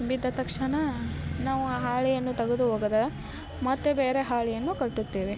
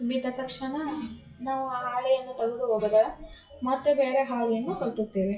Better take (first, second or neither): first